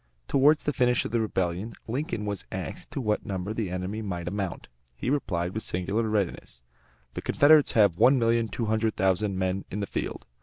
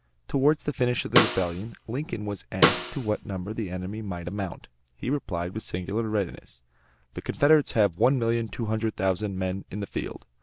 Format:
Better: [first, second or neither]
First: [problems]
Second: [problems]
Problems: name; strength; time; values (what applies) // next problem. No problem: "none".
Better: first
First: none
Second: background sound (Snare drum); 1 dB below the speech